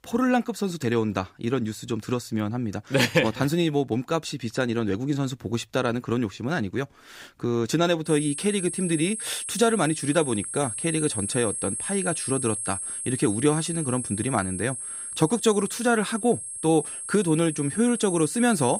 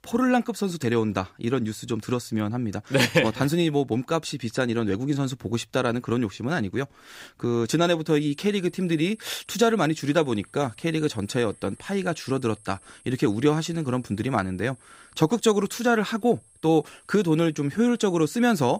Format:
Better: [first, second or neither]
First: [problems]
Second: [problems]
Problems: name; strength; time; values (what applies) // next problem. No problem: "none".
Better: second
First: high-pitched whine; loud; from 8 s on; 8.5 kHz, 5 dB below the speech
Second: high-pitched whine; faint; from 8 s on; 8.5 kHz, 25 dB below the speech